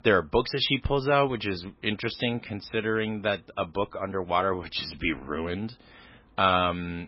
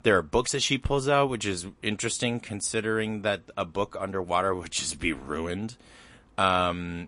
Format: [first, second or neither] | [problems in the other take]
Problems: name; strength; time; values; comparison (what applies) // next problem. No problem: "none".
second | garbled, watery; badly; nothing above 5.5 kHz; slightly in the second